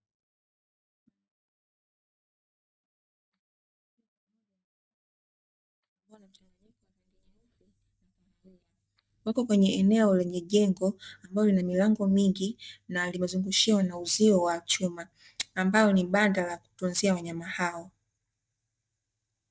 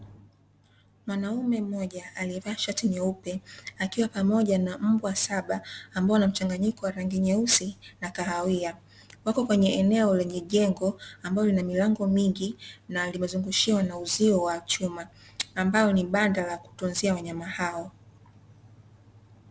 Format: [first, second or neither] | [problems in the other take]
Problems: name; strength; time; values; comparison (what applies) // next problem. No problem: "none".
second | noise reduction (neural mask model DeepFilterNet 3)